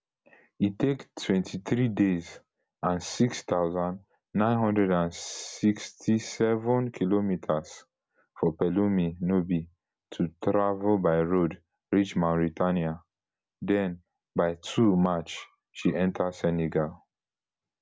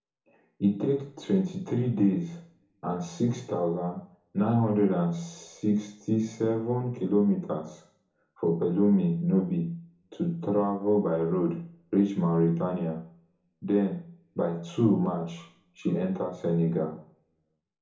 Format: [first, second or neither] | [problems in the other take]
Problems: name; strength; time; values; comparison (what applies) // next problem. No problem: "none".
first | room echo; dies away in 0.7 s